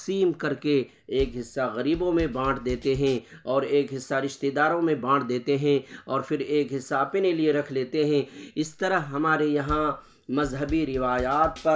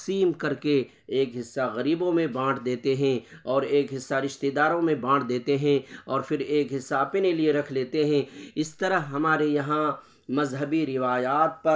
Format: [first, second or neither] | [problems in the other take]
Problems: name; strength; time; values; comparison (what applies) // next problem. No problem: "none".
second | background sound (Bass drum / Snare drum / Drum kit); 14 dB below the speech